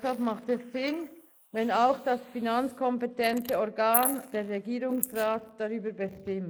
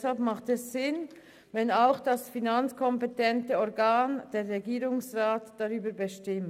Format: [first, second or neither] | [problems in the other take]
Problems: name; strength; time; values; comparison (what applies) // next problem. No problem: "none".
second | noise reduction (neural mask model Resemble Enhance denoiser)